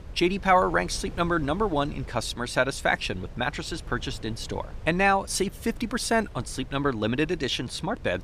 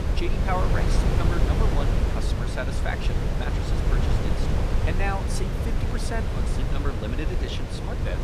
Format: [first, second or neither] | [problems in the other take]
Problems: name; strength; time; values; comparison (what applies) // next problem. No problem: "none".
first | wind noise on the microphone; heavy; as loud as the speech; occasional gusts in the first